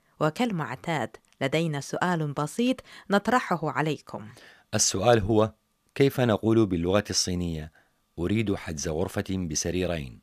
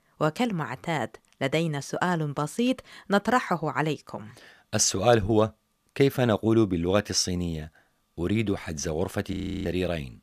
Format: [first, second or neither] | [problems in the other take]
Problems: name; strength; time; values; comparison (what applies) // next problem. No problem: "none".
first | audio freezing; at 9.5 s